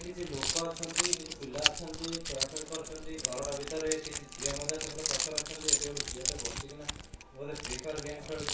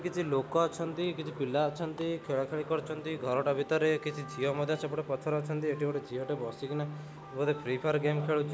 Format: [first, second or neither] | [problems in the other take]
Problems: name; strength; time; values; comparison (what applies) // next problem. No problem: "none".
second | background sound (Keys jangling); 4 dB above the speech // room echo; dies away in 0.3 s